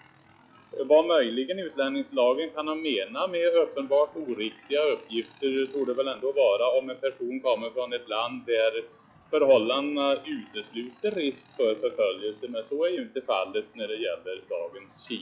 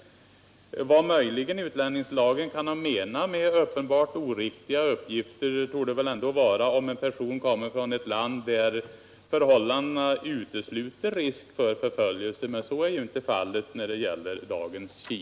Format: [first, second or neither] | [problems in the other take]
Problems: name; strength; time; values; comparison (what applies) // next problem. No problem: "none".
second | noise reduction (classical method log-MMSE)